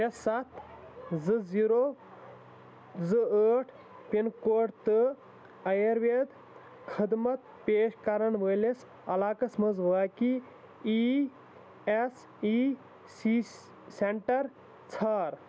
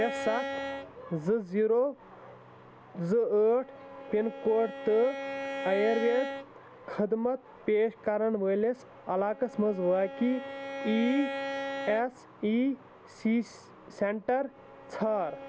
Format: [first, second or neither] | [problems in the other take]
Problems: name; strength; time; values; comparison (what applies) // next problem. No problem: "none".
first | background sound (Bowed string instrument); 10 dB below the speech